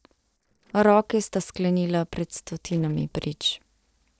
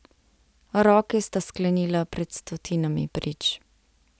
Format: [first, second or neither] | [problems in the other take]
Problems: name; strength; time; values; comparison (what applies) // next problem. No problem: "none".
second | noise reduction (neural separator model SepFormer DNS4)